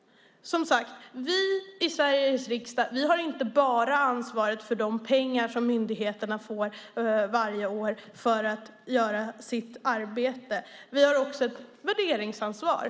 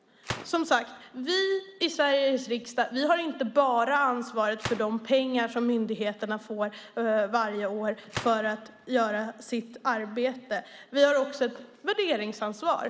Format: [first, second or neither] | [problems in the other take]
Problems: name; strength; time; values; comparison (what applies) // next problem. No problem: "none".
first | background sound (Gunshot, gunfire); 18 dB below the speech